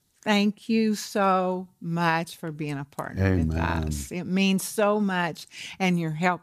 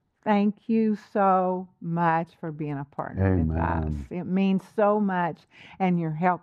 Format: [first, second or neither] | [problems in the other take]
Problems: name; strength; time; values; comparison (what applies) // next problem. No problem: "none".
first | muffled; very; fading above 3.5 kHz